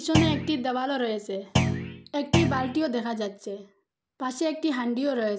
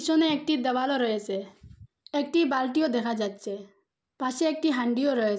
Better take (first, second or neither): second